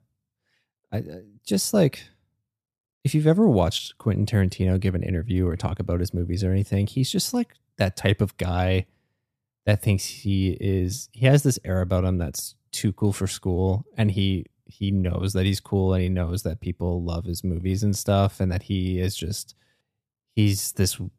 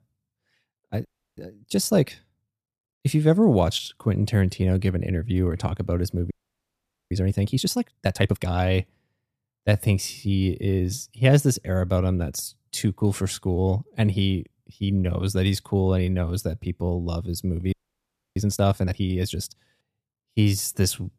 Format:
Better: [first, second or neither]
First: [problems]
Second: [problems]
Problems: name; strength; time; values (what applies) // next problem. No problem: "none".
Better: first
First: none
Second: audio freezing; at 1 s, at 6.5 s for 1 s and at 18 s for 0.5 s